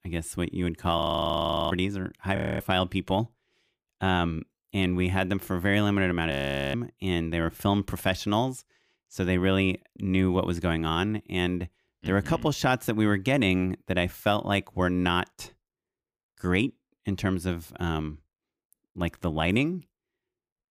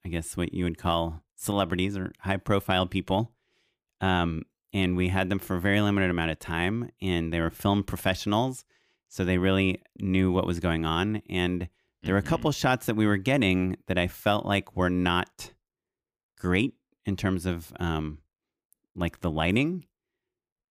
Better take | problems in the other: second | audio freezing; at 1 s for 0.5 s, at 2.5 s and at 6.5 s

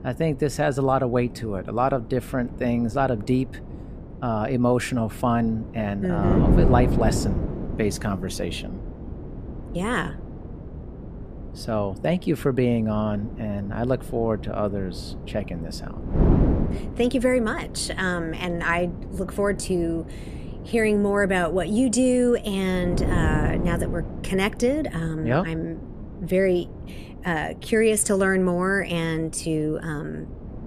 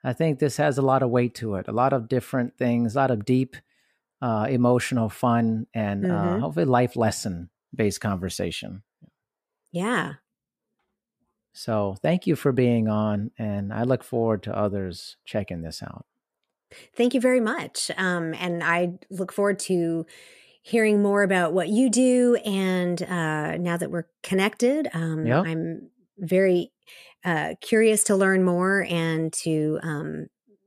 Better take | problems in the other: second | wind noise on the microphone; occasional gusts; 10 dB below the speech

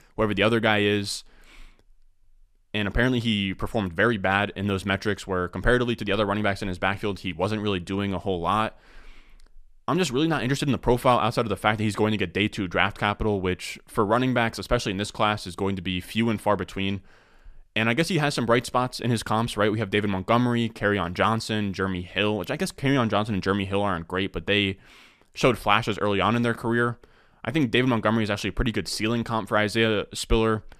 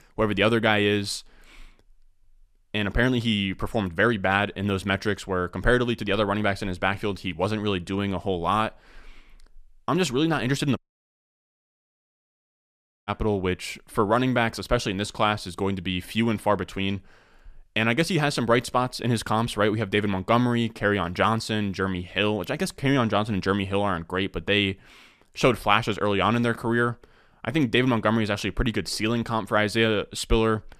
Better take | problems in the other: first | audio cutting out; at 11 s for 2.5 s

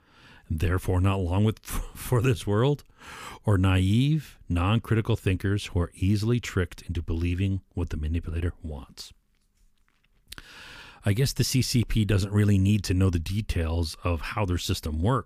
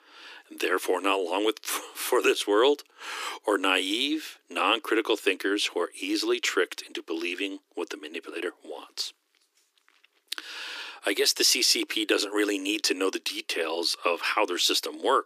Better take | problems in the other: first | thin; very; fading below 300 Hz

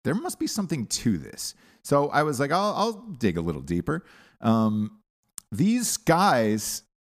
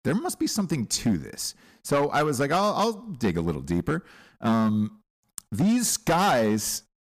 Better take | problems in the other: first | distortion; slight; 7% of the sound clipped

